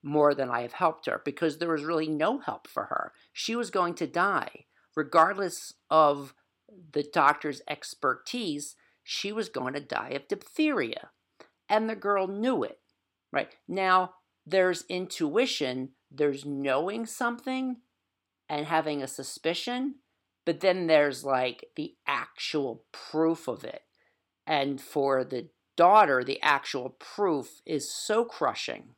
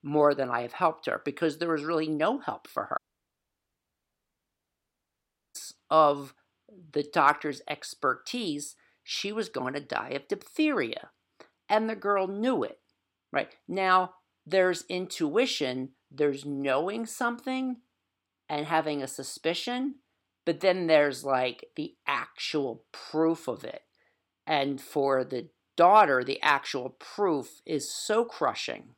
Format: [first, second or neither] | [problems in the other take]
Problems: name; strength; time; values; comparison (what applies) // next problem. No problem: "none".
first | audio cutting out; at 3 s for 2.5 s